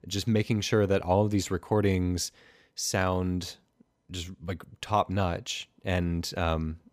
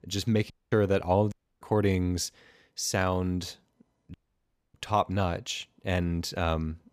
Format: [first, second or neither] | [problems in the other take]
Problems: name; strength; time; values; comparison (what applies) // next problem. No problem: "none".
first | audio cutting out; at 0.5 s, at 1.5 s and at 4 s for 0.5 s